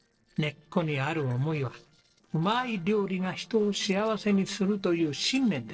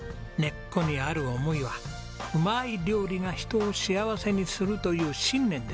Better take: second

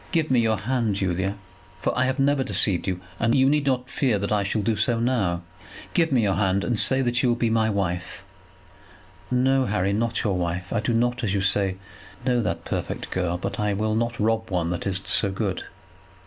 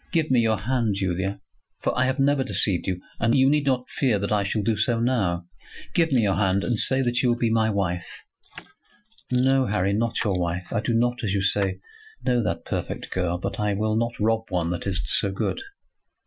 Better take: first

